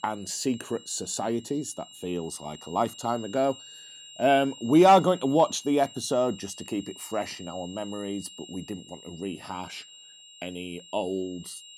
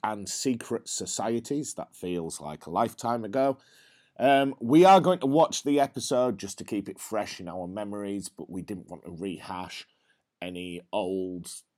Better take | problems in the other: second | high-pitched whine; noticeable; throughout; 3 kHz, 20 dB below the speech

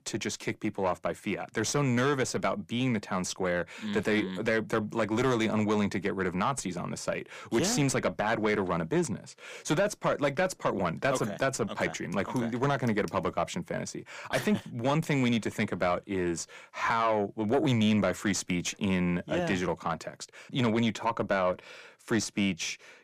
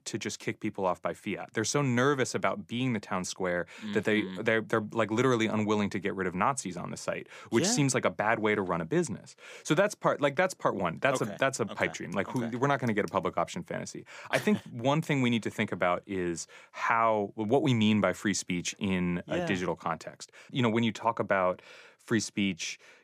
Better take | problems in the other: second | distortion; slight; 10 dB below the speech

